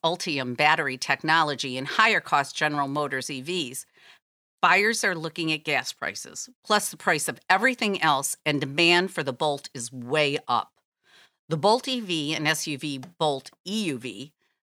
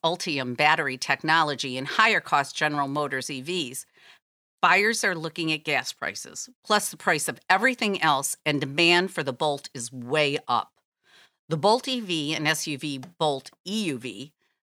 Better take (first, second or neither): neither